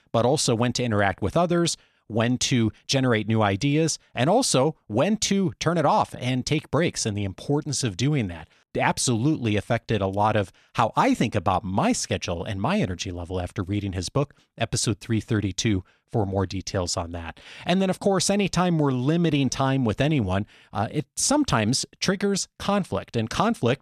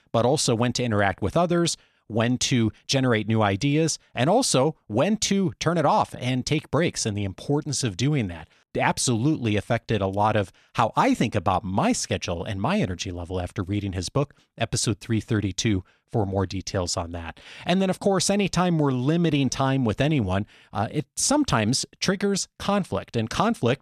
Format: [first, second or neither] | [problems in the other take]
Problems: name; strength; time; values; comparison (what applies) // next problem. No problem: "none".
neither | none